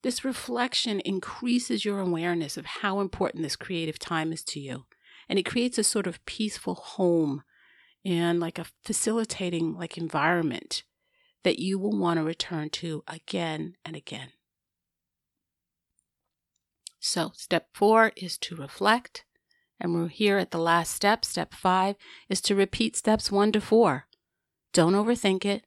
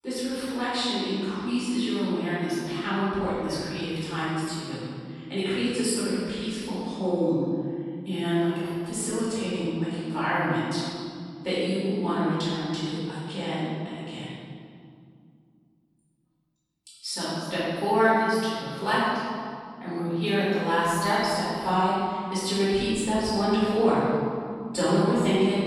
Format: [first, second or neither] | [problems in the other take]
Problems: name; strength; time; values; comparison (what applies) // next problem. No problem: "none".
first | off-mic speech; far // room echo; strong; dies away in 2.2 s